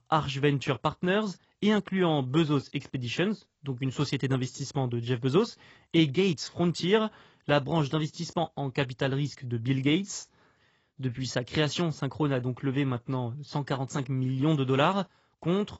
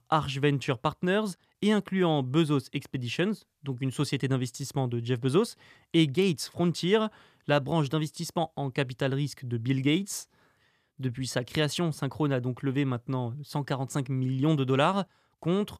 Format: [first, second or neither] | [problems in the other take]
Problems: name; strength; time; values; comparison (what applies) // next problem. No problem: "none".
second | garbled, watery; badly; nothing above 7.5 kHz